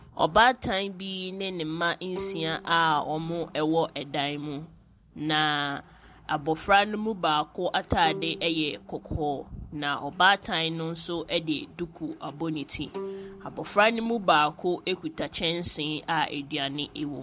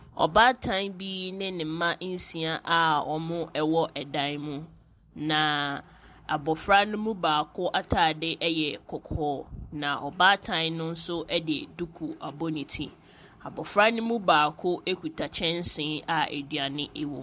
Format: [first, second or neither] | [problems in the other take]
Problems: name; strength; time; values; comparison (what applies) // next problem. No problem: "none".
second | background sound (Bowed string instrument); 17 dB below the speech